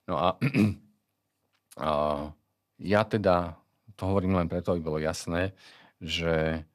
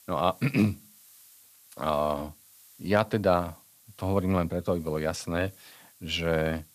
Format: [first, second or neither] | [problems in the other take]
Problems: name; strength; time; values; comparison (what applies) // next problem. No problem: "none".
first | hiss; faint; throughout; 25 dB below the speech